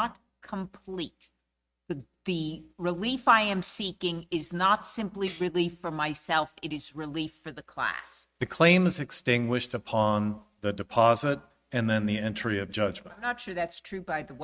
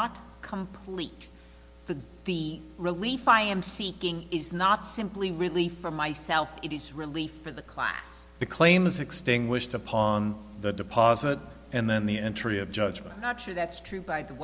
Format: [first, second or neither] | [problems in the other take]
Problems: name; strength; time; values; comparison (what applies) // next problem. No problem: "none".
second | noise reduction (neural mask model RNNoise)